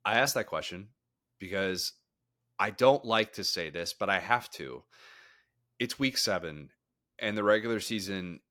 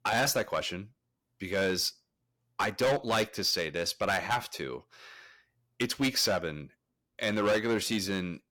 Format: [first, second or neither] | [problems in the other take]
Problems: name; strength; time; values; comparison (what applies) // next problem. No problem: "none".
first | distortion; heavy; 6% of the sound clipped